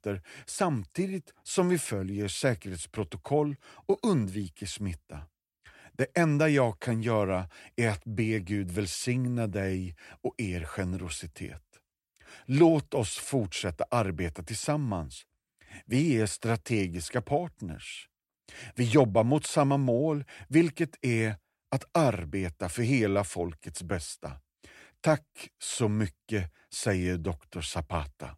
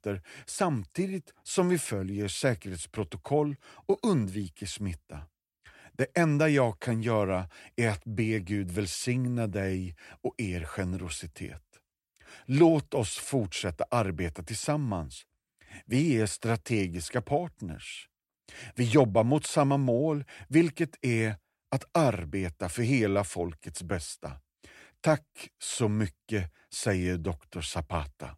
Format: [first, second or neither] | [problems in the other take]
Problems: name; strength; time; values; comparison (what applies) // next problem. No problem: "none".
neither | none